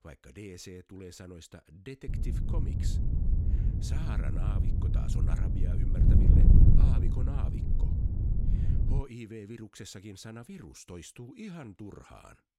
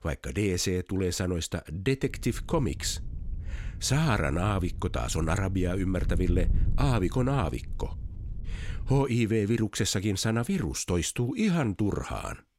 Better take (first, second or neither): second